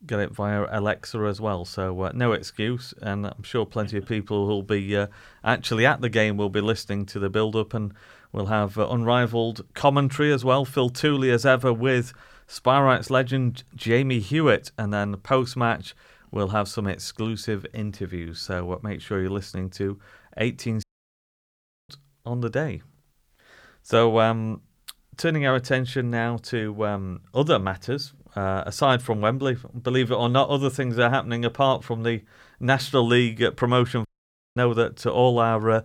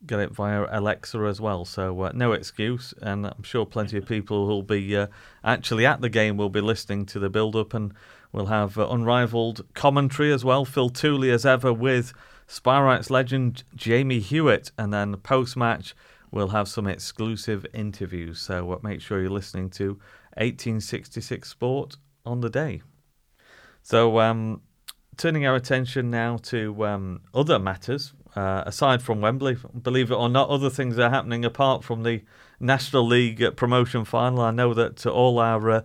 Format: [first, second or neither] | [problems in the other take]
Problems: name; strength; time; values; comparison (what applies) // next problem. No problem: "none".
second | audio cutting out; at 21 s for 1 s and at 34 s for 0.5 s